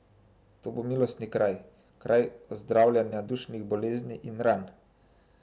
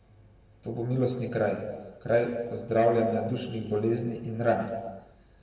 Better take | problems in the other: first | room echo; dies away in 1.2 s

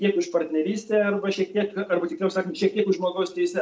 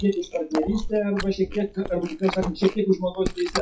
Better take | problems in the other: first | noise reduction (classical method WPE with log-MMSE)

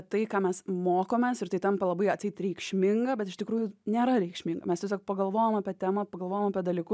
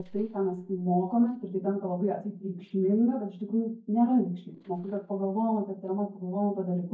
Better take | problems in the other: first | noise reduction (neural mask model DeepFilterNet 3)

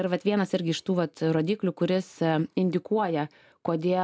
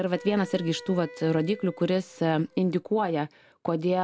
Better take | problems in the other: first | background sound (Wind instrument, woodwind instrument); 20 dB below the speech

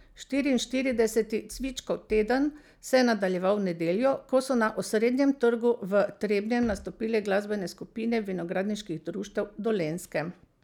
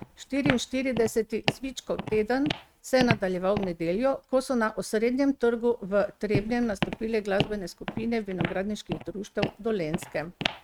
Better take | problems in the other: first | noise reduction (neural mask model RNNoise)

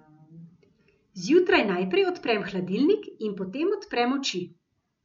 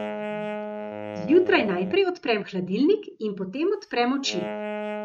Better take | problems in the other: first | noise reduction (neural mask model RNNoise)

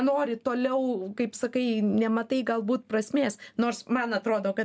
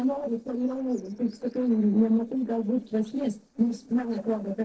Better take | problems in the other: first | noise reduction (neural separator model SepFormer DNS4)

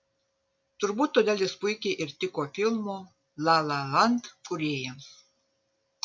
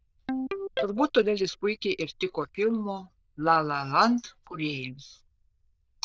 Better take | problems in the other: first | noise reduction (neural diffusion model UNIVERSE++)

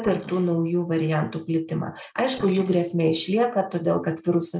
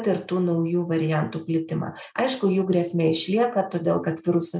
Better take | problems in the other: second | noise reduction (neural mask model Resemble Enhance denoiser)

